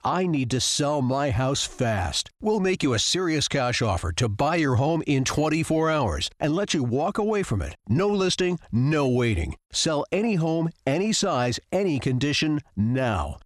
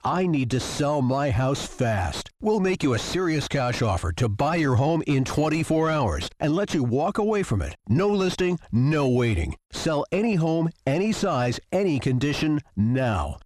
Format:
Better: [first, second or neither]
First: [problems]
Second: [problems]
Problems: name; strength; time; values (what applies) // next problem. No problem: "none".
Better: first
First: none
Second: distortion; slight; 10 dB below the speech